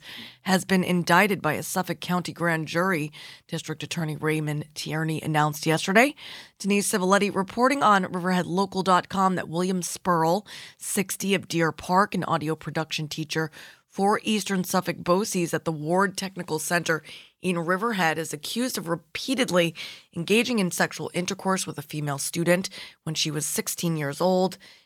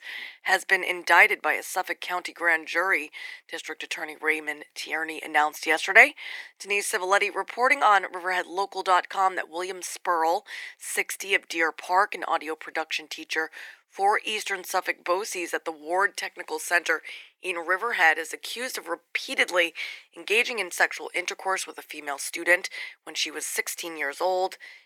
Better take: first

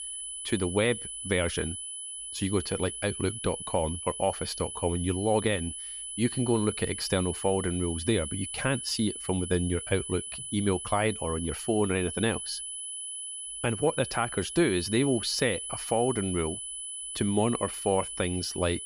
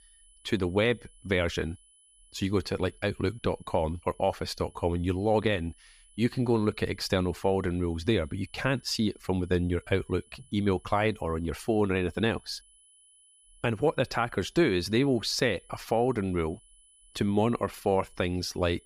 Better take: second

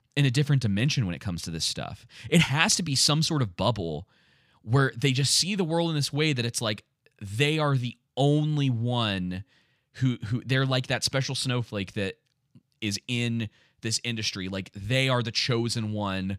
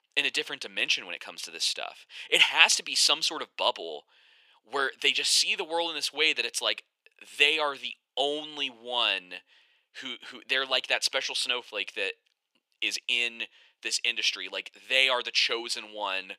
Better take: first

